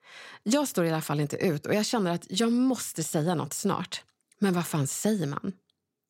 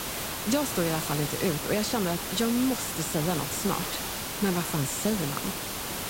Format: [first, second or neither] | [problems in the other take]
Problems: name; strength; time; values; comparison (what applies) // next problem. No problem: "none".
first | hiss; loud; throughout; 2 dB below the speech